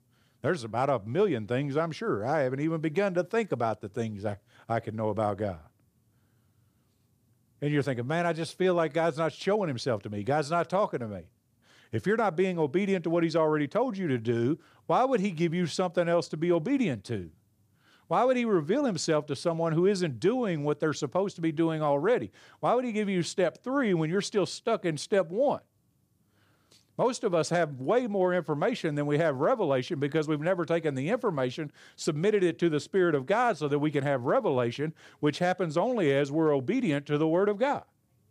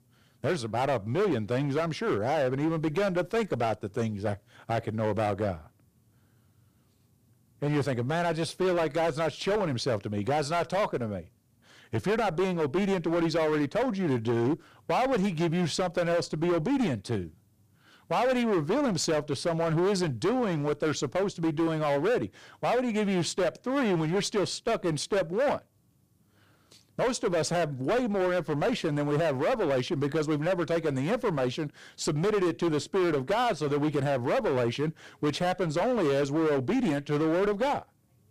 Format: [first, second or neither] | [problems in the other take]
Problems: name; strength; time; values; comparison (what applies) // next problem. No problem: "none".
first | distortion; heavy; 17% of the sound clipped